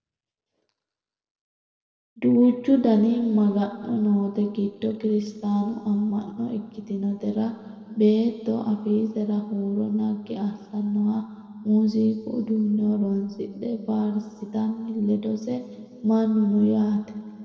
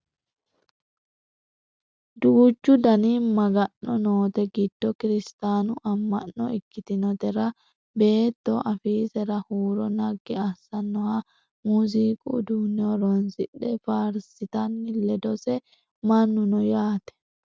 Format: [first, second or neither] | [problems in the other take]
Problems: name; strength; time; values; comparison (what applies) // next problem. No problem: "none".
second | room echo; dies away in 2 s